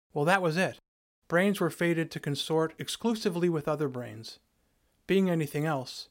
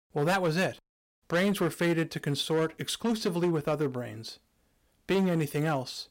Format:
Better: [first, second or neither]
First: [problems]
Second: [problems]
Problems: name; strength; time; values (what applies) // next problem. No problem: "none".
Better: first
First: none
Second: distortion; slight; 8% of the sound clipped